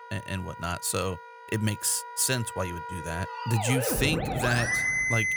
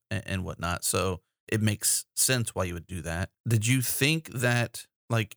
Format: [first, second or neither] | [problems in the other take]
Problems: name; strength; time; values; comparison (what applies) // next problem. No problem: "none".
second | background music; loud; throughout; 1 dB below the speech